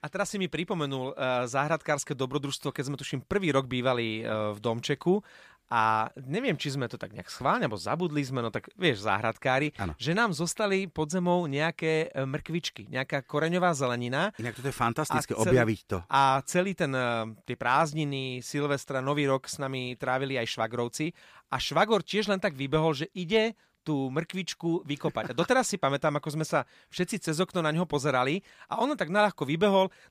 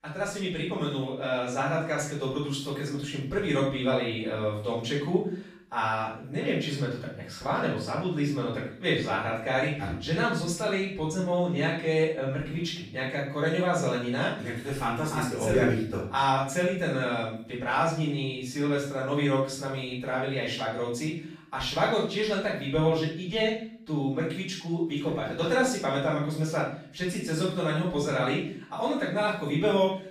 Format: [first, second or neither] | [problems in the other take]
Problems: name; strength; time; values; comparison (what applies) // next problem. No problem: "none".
first | off-mic speech; far // room echo; noticeable; dies away in 0.5 s